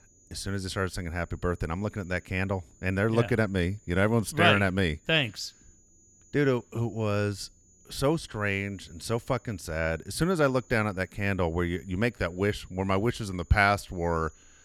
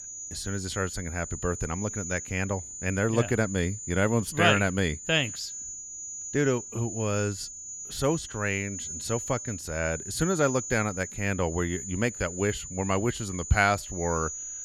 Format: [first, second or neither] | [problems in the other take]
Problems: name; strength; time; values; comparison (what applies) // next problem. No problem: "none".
first | high-pitched whine; loud; throughout; 7 kHz, 8 dB below the speech; faint in the first